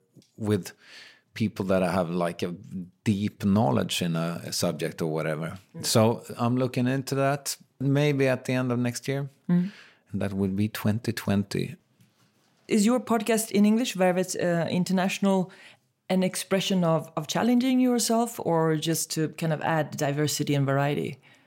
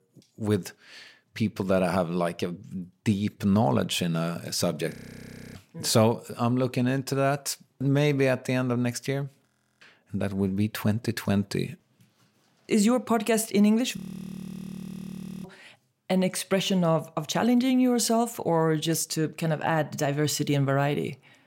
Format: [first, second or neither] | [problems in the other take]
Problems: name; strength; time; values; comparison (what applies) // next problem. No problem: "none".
first | audio freezing; at 5 s for 0.5 s, at 9.5 s and at 14 s for 1.5 s